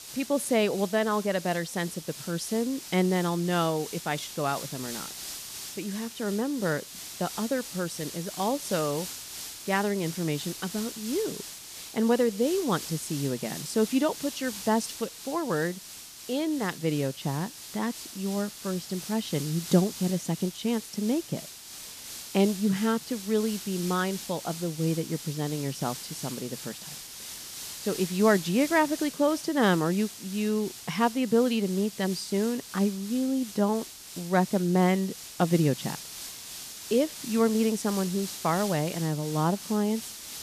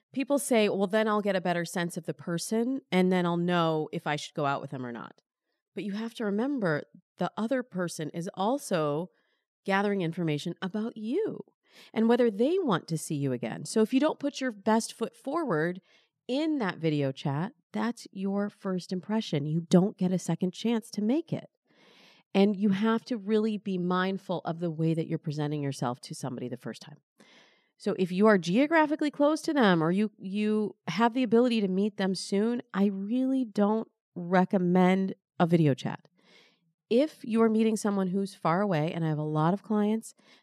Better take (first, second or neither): second